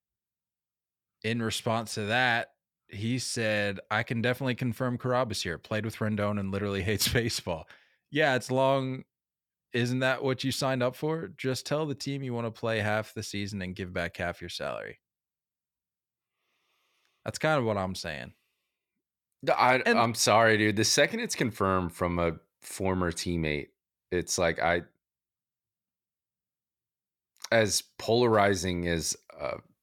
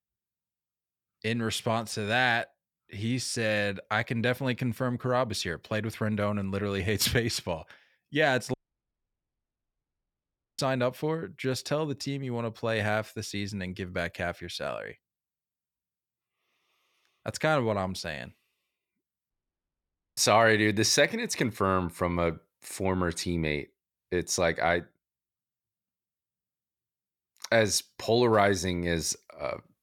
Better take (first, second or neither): first